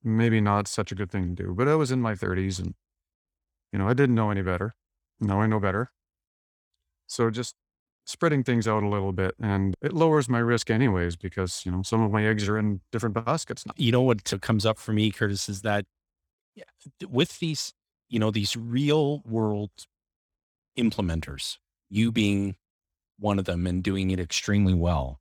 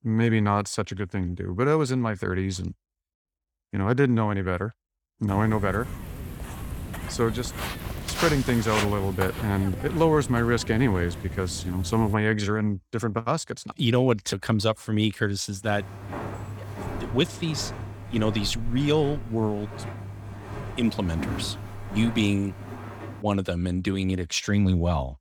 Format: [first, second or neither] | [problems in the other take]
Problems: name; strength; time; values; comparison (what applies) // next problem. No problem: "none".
first | footsteps; noticeable; from 5.5 to 12 s and from 16 to 23 s; peak 2 dB below the speech